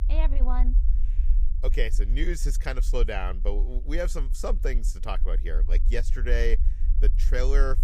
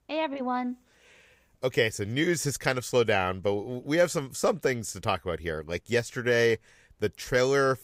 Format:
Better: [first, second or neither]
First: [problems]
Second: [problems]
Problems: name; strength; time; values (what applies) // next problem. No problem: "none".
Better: second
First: low rumble; noticeable; throughout; 15 dB below the speech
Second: none